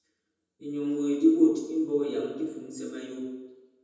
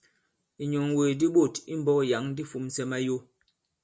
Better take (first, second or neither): second